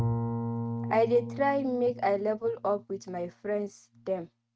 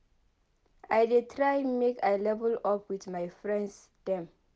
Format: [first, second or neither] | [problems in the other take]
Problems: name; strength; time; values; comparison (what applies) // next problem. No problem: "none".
second | noise reduction (neural mask model RNNoise)